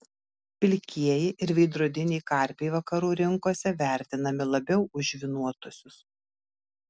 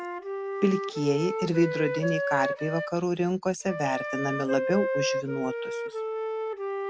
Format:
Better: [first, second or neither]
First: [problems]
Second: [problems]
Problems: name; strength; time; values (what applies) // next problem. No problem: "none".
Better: first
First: none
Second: background sound (Wind instrument, woodwind instrument); 2 dB below the speech